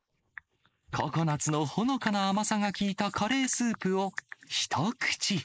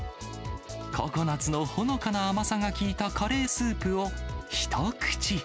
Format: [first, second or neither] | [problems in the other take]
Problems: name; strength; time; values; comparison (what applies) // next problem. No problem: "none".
second | noise reduction (neural mask model Resemble Enhance denoiser)